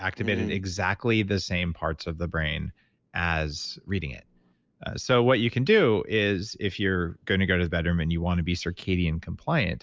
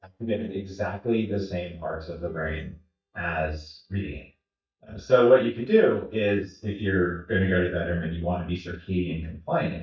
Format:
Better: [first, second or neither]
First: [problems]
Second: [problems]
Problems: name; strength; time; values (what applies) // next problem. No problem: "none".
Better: first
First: none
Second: noise reduction (neural mask model DeepFilterNet 3)